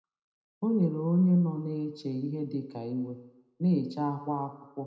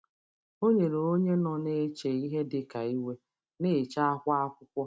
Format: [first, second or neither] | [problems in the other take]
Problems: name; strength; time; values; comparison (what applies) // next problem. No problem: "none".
second | room echo; dies away in 0.7 s